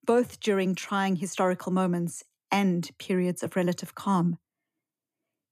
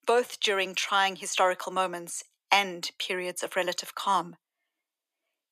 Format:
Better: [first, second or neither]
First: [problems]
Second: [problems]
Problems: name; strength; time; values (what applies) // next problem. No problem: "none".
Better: first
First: none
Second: thin; very; fading below 650 Hz